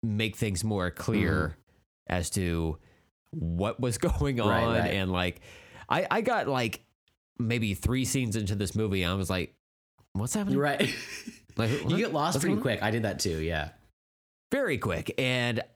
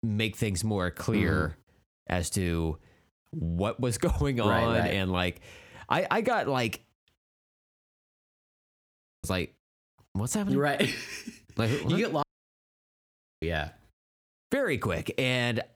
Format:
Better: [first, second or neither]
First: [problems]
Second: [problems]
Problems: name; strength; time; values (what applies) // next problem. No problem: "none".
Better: first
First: none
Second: audio cutting out; at 7.5 s for 2 s and at 12 s for 1 s